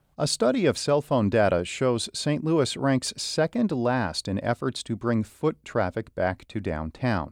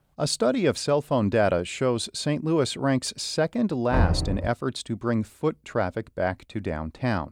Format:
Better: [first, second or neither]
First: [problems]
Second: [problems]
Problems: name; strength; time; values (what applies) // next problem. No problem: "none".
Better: first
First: none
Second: door banging; loud; at 4 s; peak 1 dB above the speech